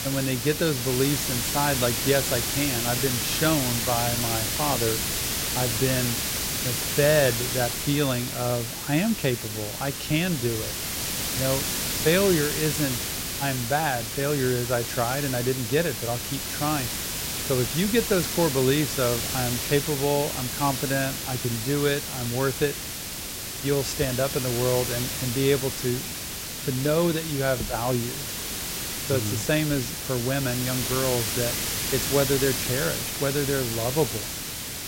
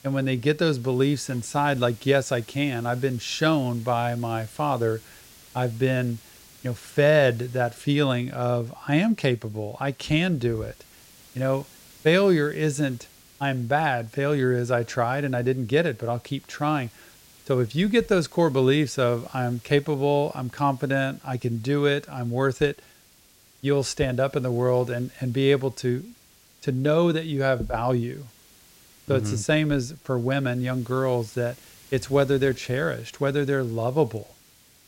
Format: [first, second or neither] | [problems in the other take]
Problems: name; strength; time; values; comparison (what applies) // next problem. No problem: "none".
second | hiss; loud; throughout; 1 dB below the speech; faint in the second